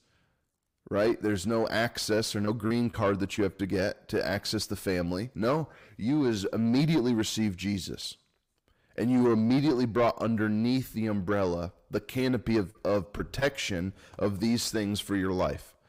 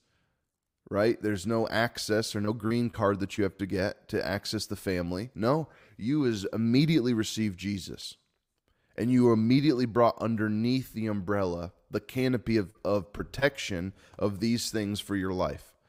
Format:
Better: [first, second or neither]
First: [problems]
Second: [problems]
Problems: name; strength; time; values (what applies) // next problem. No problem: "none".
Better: second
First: distortion; slight; 10 dB below the speech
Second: none